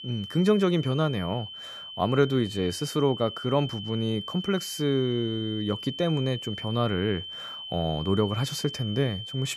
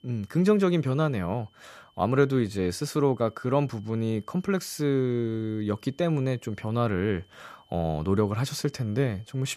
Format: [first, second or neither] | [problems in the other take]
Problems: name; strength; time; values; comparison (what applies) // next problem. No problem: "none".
second | high-pitched whine; loud; throughout; 3 kHz, 9 dB below the speech; faint in the second